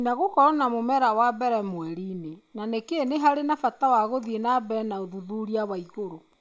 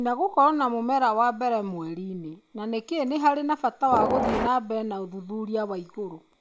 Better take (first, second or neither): first